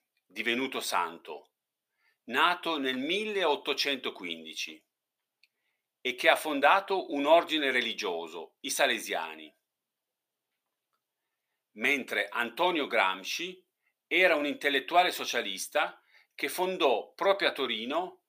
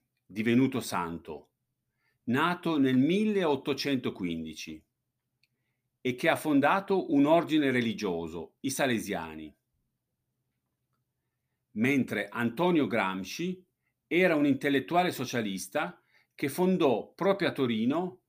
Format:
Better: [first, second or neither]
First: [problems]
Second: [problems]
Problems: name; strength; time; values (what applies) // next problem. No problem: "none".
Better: second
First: thin; somewhat; fading below 600 Hz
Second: none